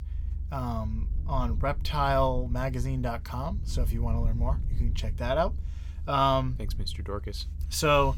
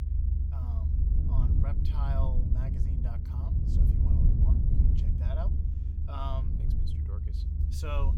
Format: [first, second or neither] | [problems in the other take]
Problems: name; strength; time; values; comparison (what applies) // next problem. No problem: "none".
first | low rumble; loud; throughout; as loud as the speech; faint in the first